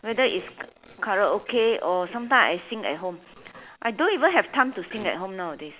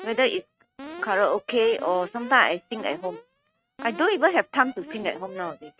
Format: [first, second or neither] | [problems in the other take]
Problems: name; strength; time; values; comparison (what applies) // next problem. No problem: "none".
first | noise reduction (neural mask model RNNoise)